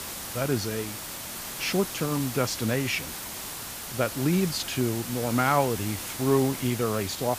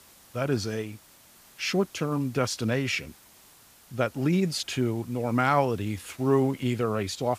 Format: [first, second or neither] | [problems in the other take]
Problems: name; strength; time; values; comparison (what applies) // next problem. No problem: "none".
second | hiss; loud; throughout; 7 dB below the speech; faint in the second